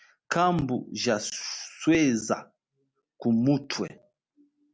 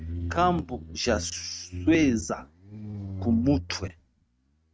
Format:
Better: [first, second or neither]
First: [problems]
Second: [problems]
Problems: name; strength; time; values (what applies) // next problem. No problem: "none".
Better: first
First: none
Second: noise reduction (neural mask model RNNoise)